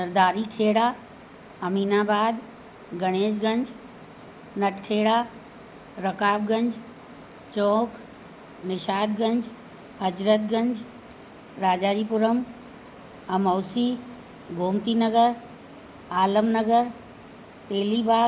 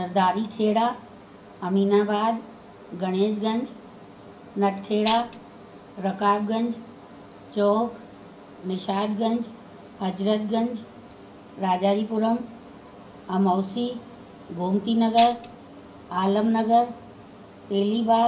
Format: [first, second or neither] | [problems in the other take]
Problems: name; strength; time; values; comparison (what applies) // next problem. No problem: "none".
first | background sound (Tambourine); 9 dB below the speech // room echo; dies away in 0.4 s